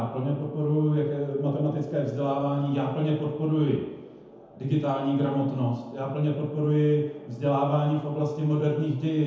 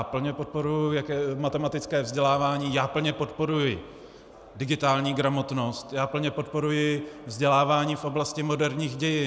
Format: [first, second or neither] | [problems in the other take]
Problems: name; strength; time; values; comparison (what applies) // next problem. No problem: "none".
second | room echo; dies away in 0.9 s